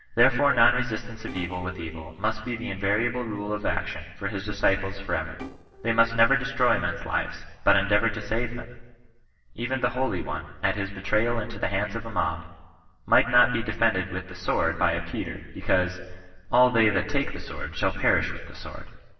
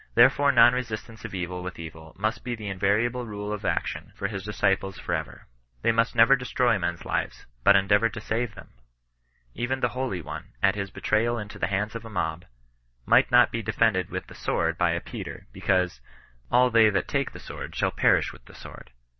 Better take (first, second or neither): second